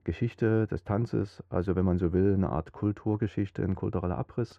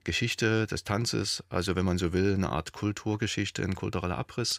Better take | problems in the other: second | muffled; very; fading above 2 kHz

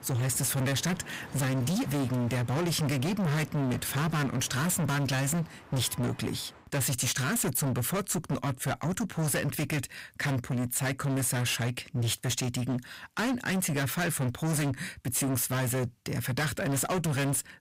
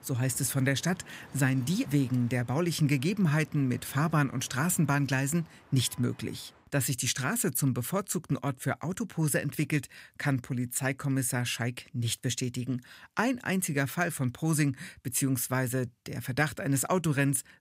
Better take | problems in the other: second | distortion; heavy; 32% of the sound clipped

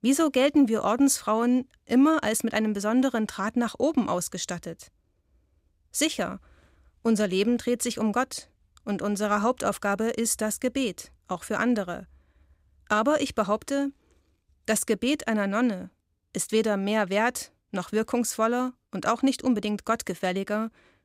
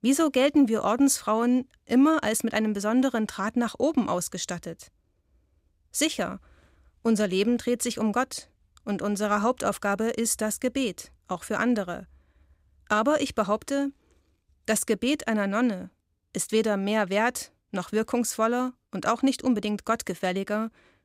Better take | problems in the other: neither | none

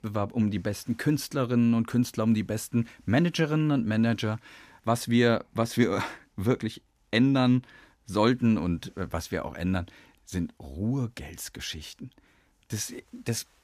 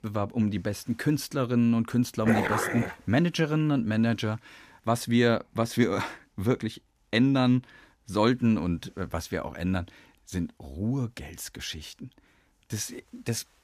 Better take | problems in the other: first | dog barking; loud; at 2.5 s; peak level with the speech

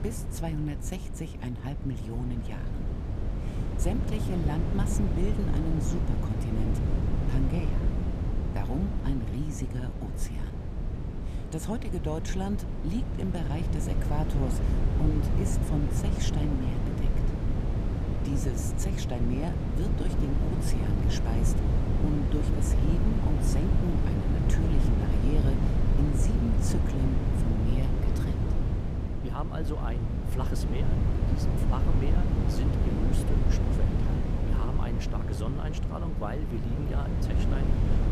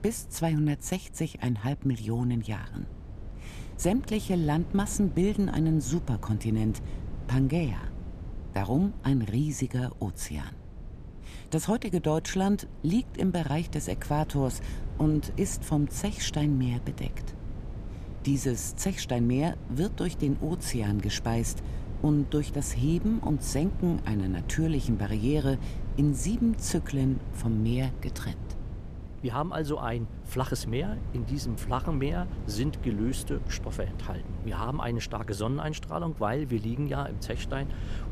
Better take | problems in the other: second | wind noise on the microphone; heavy; 1 dB above the speech; occasional gusts in the second

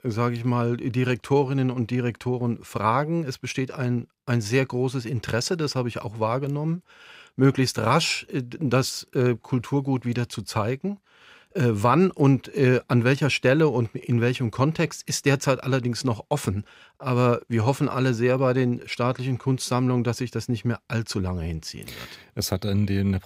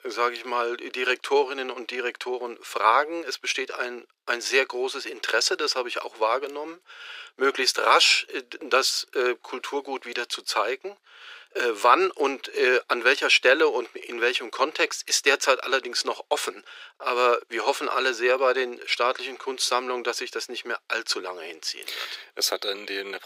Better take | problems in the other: first | thin; very; fading below 350 Hz

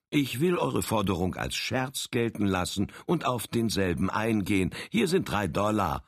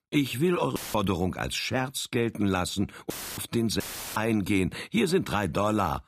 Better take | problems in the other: first | audio cutting out; filled with static; at 1 s, at 3 s and at 4 s

